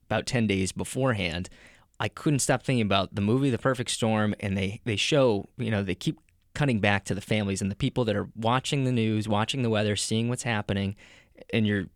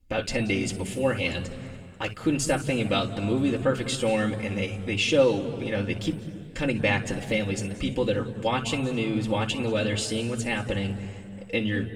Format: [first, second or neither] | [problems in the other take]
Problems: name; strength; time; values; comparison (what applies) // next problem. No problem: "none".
first | room echo; noticeable; dies away in 1.7 s // off-mic speech; somewhat distant